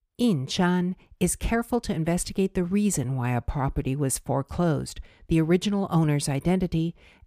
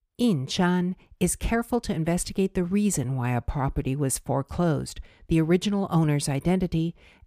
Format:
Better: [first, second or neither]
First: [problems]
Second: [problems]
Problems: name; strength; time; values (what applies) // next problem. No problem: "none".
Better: neither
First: none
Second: none